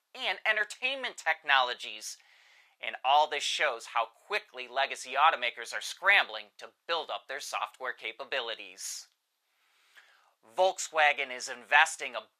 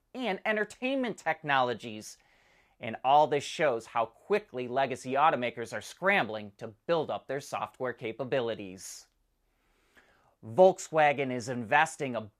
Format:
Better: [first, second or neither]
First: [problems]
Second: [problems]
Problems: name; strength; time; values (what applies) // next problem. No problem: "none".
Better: second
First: thin; very; fading below 1 kHz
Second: none